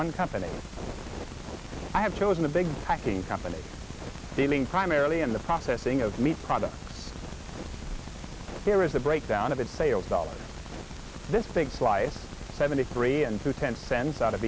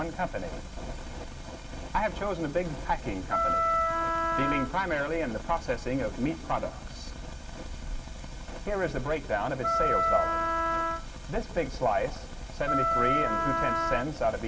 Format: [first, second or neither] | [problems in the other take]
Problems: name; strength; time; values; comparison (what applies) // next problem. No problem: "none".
first | background sound (Wind instrument, woodwind instrument); 3 dB above the speech // room echo; dies away in 1.6 s